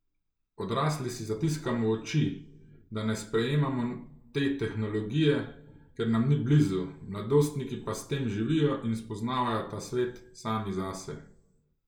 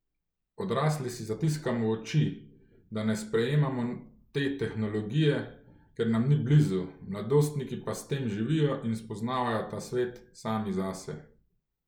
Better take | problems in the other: second | room echo; dies away in 0.3 s

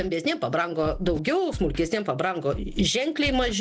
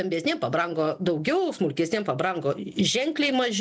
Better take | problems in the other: second | background sound (Scratching (performance technique)); 11 dB below the speech

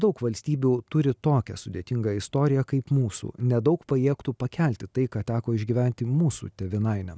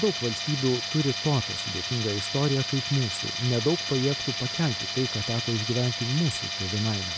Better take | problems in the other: first | background sound (Tools); 4 dB below the speech

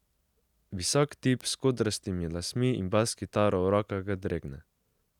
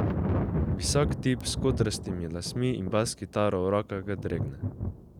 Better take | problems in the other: first | background sound (Thunder); 2 dB below the speech

